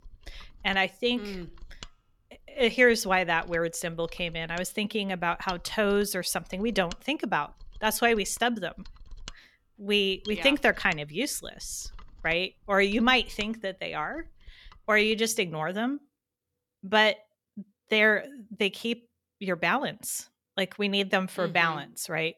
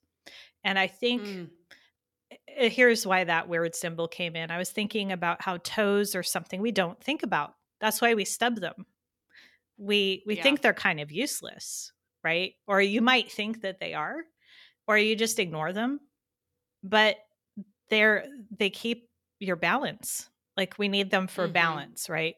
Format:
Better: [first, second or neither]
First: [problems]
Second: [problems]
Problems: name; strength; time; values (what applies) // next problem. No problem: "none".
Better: second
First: machinery noise; faint; until 15 s; 25 dB below the speech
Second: none